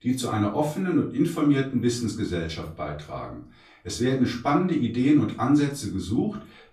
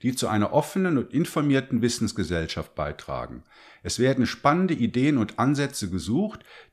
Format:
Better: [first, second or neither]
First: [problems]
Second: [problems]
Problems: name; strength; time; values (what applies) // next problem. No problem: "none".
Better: second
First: room echo; slight; dies away in 0.3 s // off-mic speech; far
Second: none